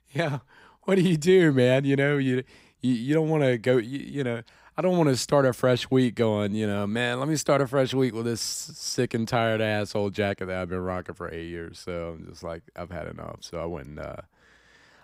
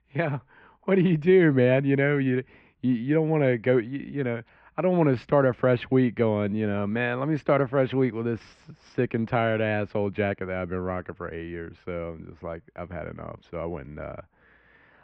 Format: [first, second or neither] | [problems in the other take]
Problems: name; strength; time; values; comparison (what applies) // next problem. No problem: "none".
first | muffled; very; fading above 2.5 kHz